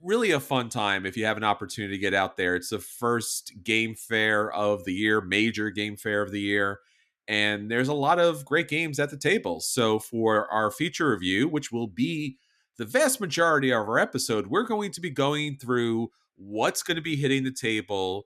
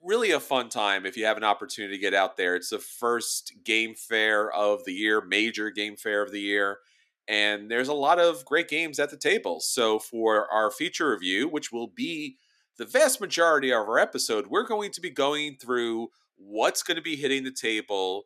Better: first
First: none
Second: thin; very slightly; fading below 400 Hz

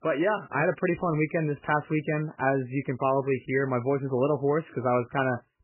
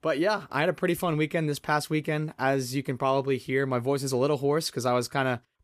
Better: second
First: garbled, watery; badly; nothing above 3 kHz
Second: none

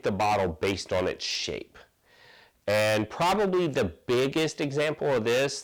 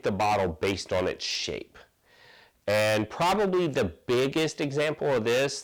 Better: neither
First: distortion; heavy; 16% of the sound clipped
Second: distortion; heavy; 16% of the sound clipped

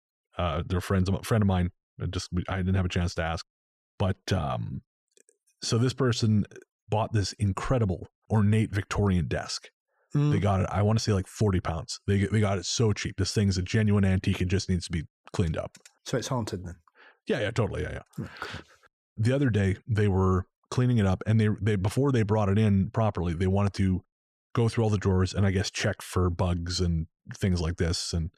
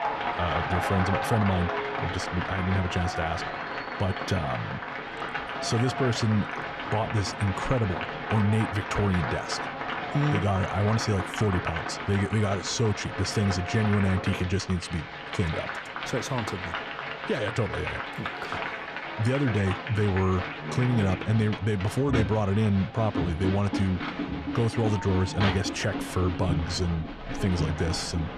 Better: first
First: none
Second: crowd noise; loud; throughout; 5 dB below the speech

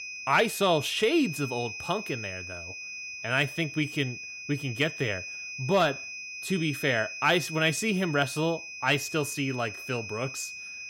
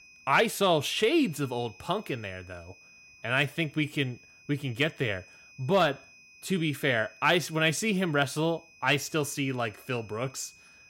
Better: second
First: high-pitched whine; loud; throughout; 2.5 kHz, 9 dB below the speech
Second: high-pitched whine; faint; throughout; 2.5 kHz, 25 dB below the speech

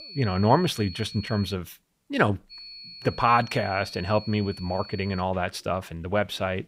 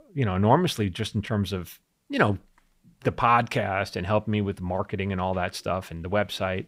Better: second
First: high-pitched whine; noticeable; until 1.5 s and from 2.5 to 5 s; 4.5 kHz, 15 dB below the speech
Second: none

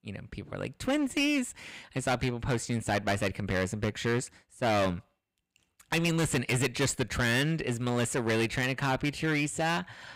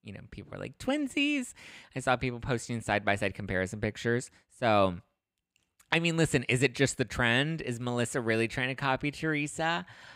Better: second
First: distortion; heavy; 12% of the sound clipped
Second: none

